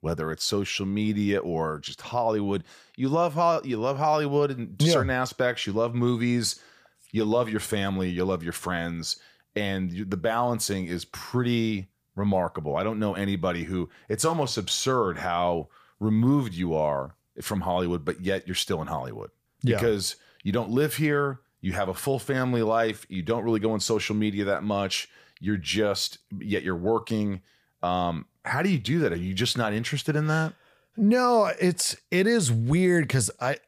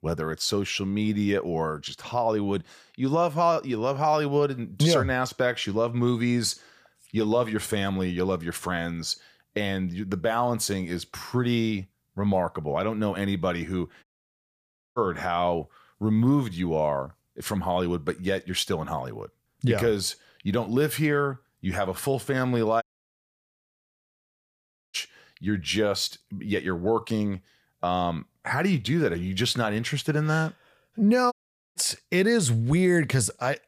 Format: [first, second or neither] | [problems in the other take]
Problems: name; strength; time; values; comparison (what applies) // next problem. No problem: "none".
first | audio cutting out; at 14 s for 1 s, at 23 s for 2 s and at 31 s